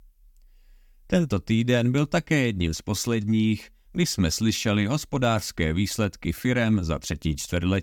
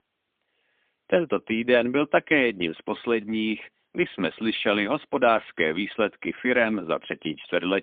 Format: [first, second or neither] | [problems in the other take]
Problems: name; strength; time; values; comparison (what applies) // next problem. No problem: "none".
first | phone-call audio; poor line; nothing above 3.5 kHz